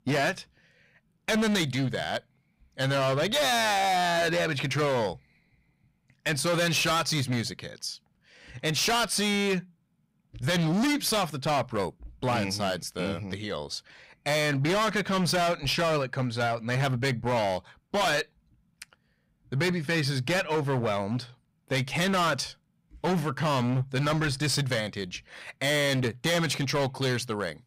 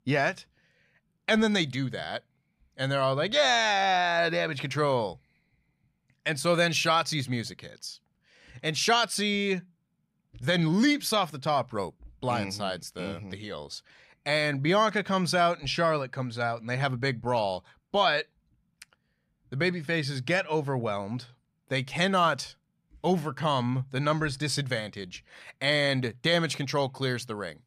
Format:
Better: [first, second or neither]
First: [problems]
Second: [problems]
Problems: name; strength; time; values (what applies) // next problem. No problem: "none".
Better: second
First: distortion; heavy; 17% of the sound clipped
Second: none